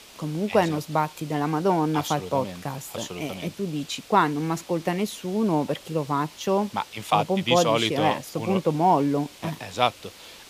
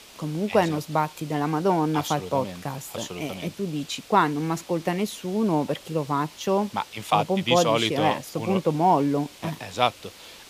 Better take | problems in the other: neither | hiss; noticeable; throughout; 20 dB below the speech; the same in both

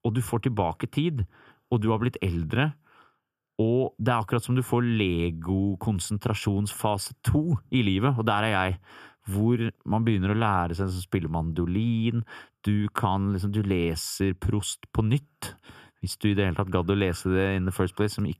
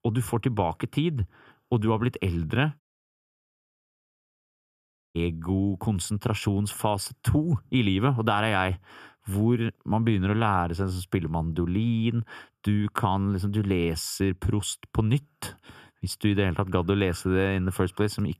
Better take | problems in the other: first | audio cutting out; at 3 s for 2.5 s

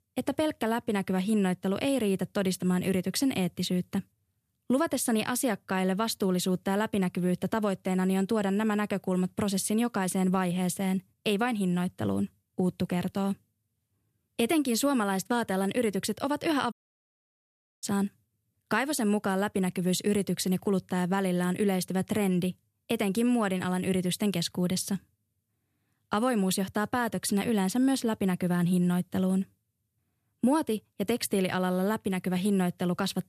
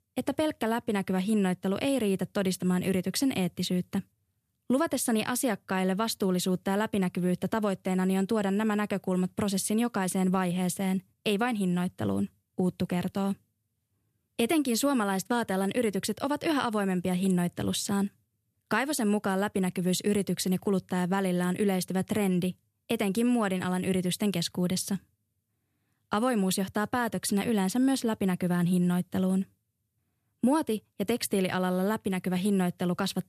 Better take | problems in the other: second | audio cutting out; at 17 s for 1 s

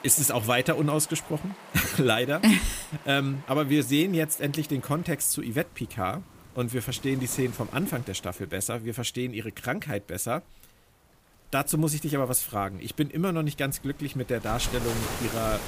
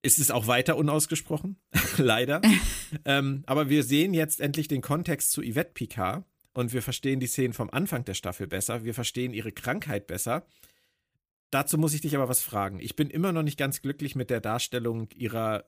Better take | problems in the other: second | rain or running water; noticeable; throughout; 15 dB below the speech

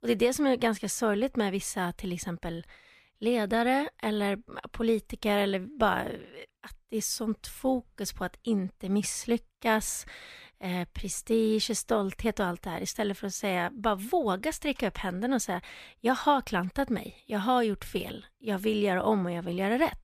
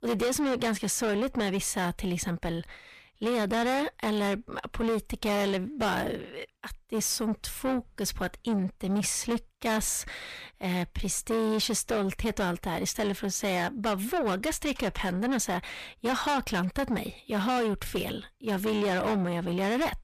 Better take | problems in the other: first | distortion; heavy; 7 dB below the speech

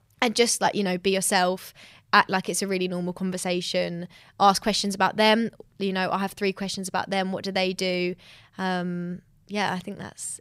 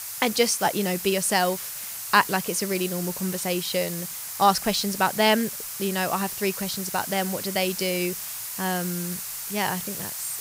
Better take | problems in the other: first | hiss; loud; throughout; 6 dB below the speech

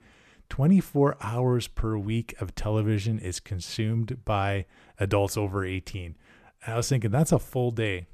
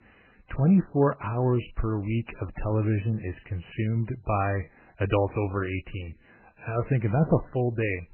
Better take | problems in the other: first | garbled, watery; badly; nothing above 2.5 kHz

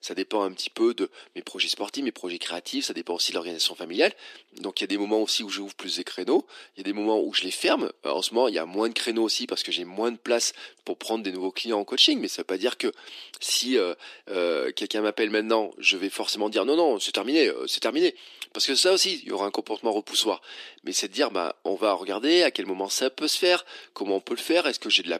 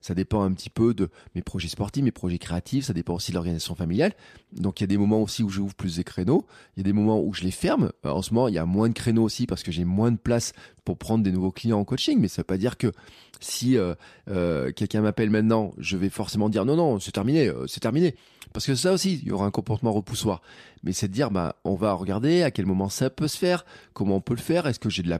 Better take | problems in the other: second | thin; somewhat; fading below 300 Hz

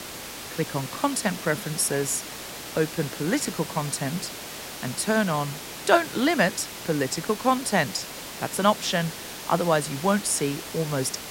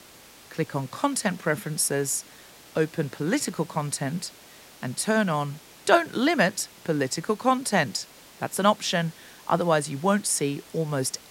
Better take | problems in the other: second | hiss; loud; throughout; 9 dB below the speech; faint in the second

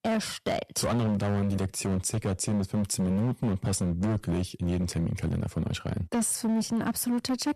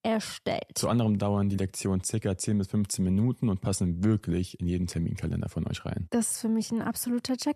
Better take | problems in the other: second | distortion; slight; 19% of the sound clipped

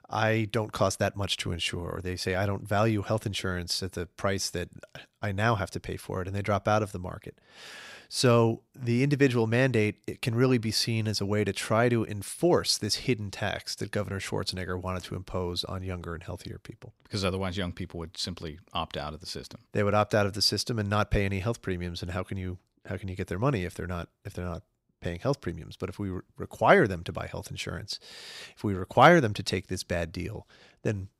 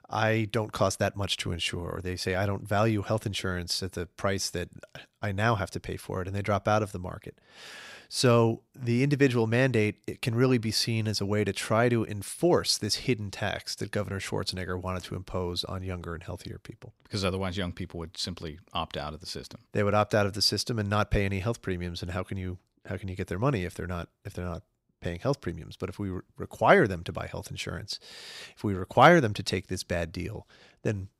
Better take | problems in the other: neither | none

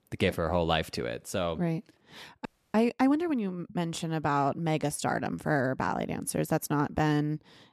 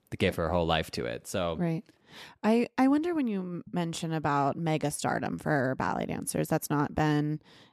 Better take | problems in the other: second | audio freezing; at 2.5 s

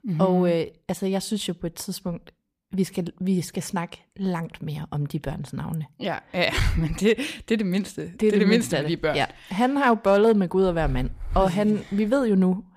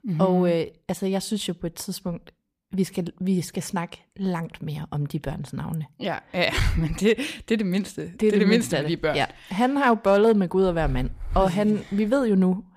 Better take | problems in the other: neither | none

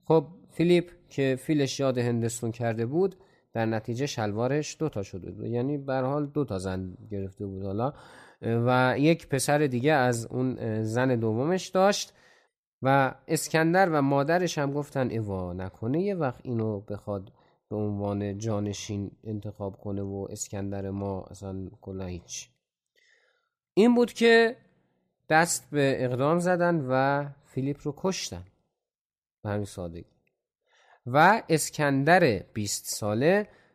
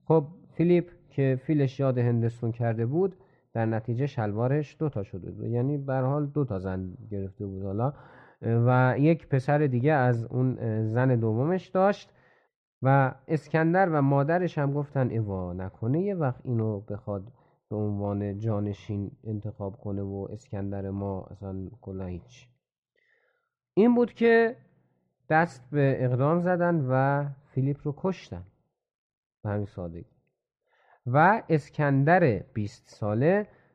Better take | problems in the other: first | muffled; very; fading above 2 kHz

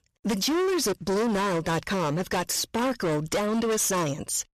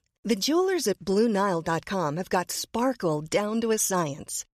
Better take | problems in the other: second | distortion; heavy; 29% of the sound clipped

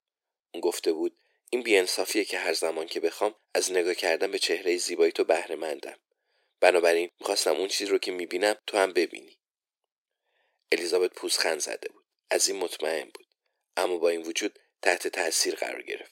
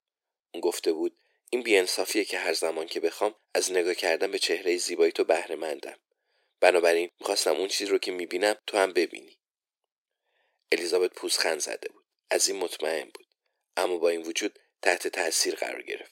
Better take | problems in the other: neither | thin; very; fading below 350 Hz; the same in both

